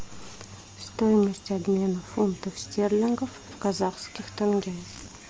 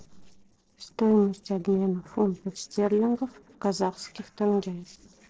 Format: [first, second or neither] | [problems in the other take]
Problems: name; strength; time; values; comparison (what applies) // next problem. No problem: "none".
first | noise reduction (neural separator model SepFormer DNS4)